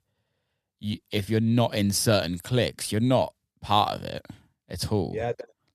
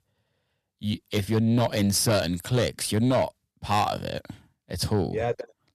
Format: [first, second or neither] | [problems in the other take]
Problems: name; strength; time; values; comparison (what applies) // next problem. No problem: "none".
first | distortion; slight; 10 dB below the speech